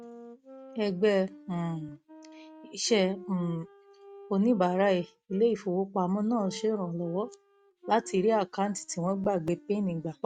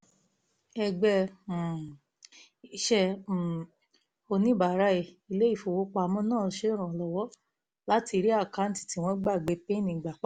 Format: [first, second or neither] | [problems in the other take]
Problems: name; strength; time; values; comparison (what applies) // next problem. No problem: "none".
second | noise reduction (neural mask model RNNoise)